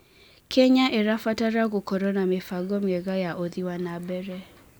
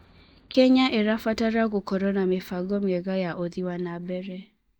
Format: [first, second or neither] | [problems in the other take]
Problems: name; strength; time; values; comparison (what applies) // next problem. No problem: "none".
first | noise reduction (neural mask model DeepFilterNet 3)